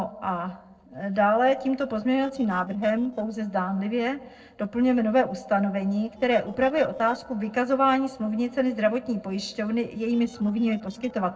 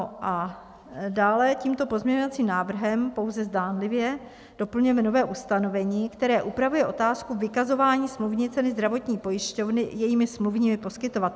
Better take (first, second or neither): second